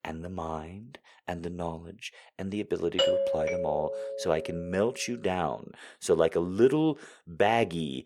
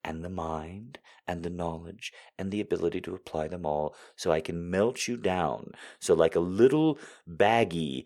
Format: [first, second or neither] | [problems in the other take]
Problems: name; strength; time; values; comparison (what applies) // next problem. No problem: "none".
second | doorbell; loud; from 3 to 4.5 s; peak 5 dB above the speech